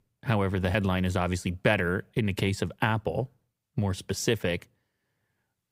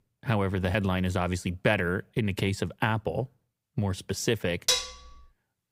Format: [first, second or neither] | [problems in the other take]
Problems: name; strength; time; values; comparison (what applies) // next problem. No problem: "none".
first | clattering dishes; loud; at 4.5 s; peak 3 dB above the speech